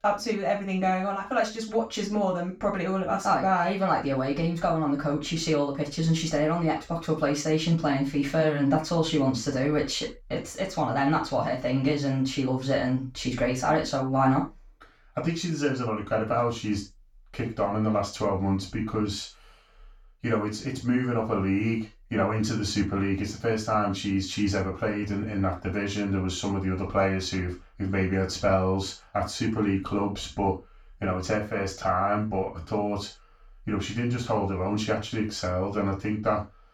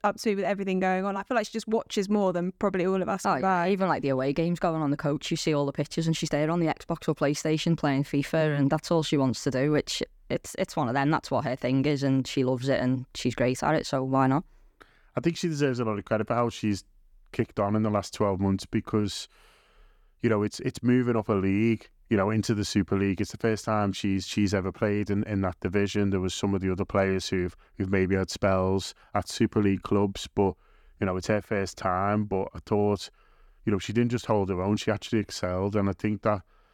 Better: second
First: room echo; slight; dies away in 0.3 s // off-mic speech; far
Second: none

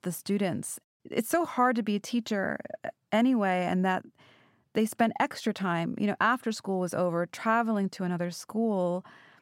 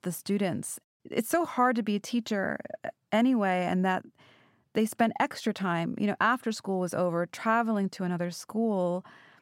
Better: neither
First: none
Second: none

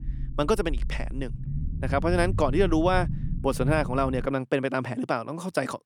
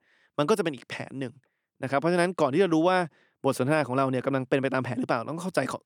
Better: second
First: low rumble; noticeable; until 4.5 s; 20 dB below the speech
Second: none

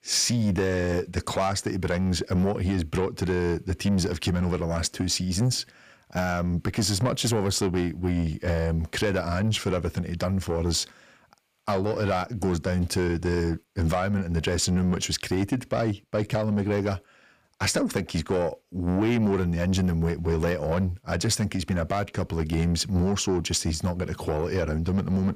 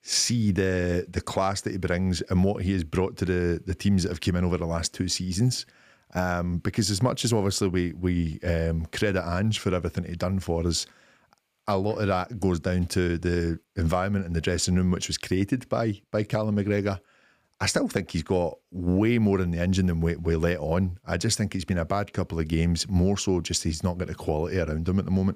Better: second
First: distortion; slight; 10 dB below the speech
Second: none

